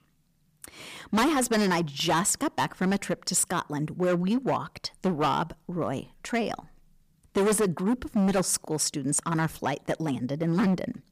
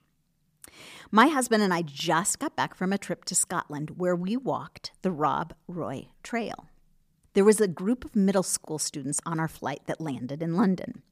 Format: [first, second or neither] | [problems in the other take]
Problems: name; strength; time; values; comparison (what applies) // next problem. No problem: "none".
second | distortion; heavy; 10% of the sound clipped